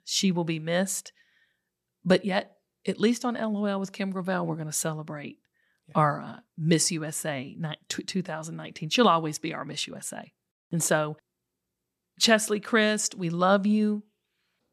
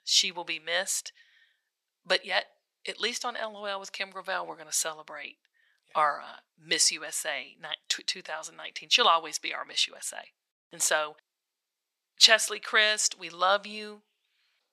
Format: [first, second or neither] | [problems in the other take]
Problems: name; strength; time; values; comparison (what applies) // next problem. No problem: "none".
first | thin; very; fading below 750 Hz